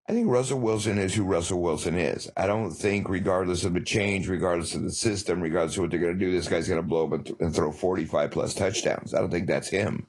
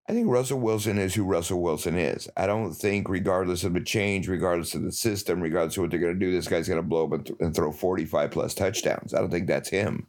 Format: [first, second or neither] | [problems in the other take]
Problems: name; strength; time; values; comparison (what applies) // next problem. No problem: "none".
second | garbled, watery; slightly; nothing above 10 kHz